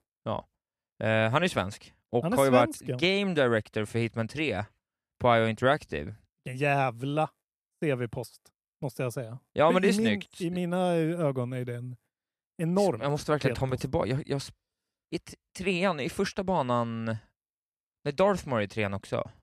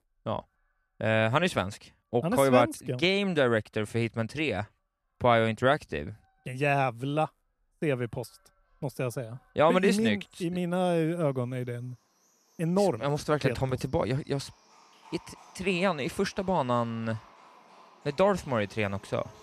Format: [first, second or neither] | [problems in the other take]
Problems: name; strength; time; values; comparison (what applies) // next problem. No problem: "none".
first | animal sounds; faint; throughout; 30 dB below the speech